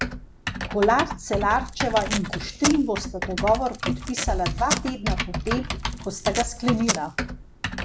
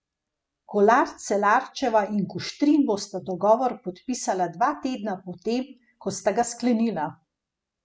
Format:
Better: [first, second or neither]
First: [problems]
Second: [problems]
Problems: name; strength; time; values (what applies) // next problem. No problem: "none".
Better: second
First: background sound (Typing + Packing tape, duct tape); 3 dB below the speech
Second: none